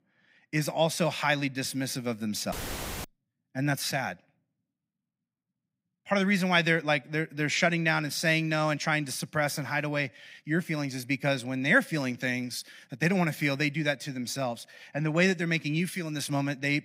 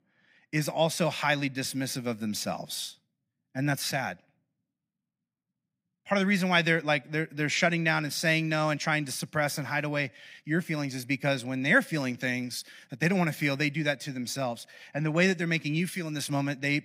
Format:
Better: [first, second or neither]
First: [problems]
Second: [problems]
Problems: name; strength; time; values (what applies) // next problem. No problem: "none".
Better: second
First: audio cutting out; filled with static; at 2.5 s for 0.5 s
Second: none